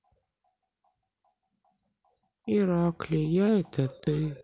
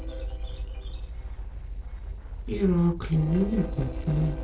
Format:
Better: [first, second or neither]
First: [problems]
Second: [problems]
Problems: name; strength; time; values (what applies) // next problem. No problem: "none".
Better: first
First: none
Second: noise reduction (neural separator model SepFormer DNS4)